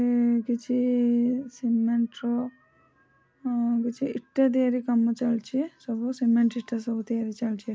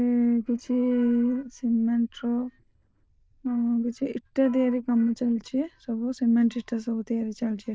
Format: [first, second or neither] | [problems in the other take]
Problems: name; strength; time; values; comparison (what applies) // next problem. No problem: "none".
first | noise reduction (neural diffusion model UNIVERSE++)